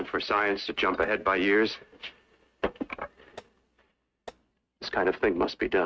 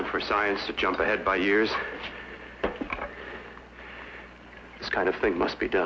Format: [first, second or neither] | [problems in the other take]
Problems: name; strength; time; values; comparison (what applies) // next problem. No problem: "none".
second | noise reduction (neural mask model RNNoise)